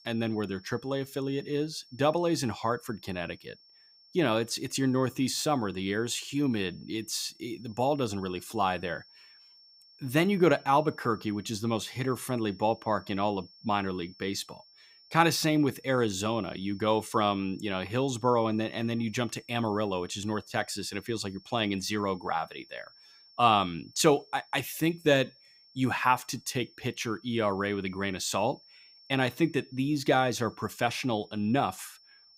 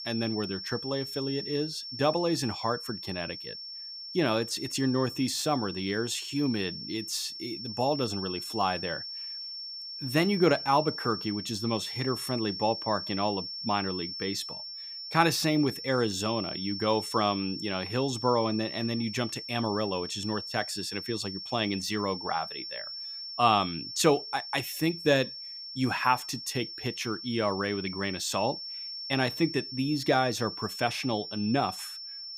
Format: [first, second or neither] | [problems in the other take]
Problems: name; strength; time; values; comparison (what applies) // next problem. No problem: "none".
first | high-pitched whine; loud; throughout; 5.5 kHz, 7 dB below the speech; faint in the first